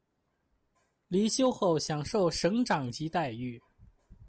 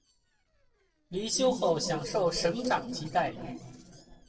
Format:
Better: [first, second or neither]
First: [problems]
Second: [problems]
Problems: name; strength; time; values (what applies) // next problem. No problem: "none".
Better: first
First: none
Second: noise reduction (neural separator model SepFormer DNS4)